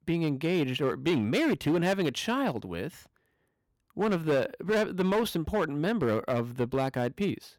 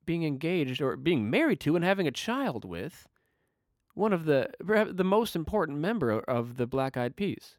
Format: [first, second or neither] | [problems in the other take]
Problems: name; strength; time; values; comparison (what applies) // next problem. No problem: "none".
second | distortion; slight; 8% of the sound clipped